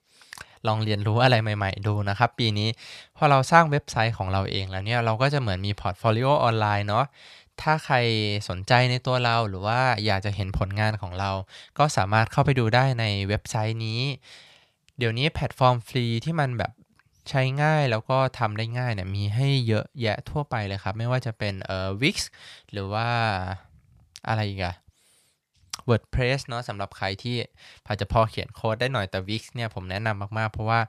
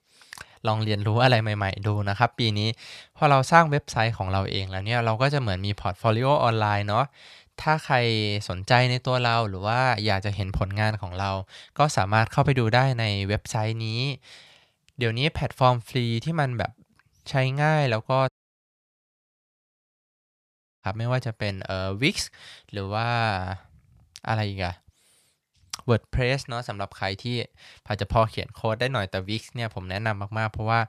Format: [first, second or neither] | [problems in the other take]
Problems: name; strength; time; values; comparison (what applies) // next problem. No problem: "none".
first | audio cutting out; at 18 s for 2.5 s